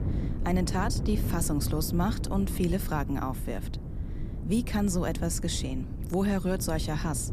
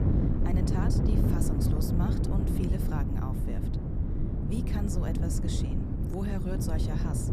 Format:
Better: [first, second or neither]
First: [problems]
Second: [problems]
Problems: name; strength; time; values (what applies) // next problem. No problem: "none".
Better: first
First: wind noise on the microphone; occasional gusts; 10 dB below the speech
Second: wind noise on the microphone; heavy; 2 dB above the speech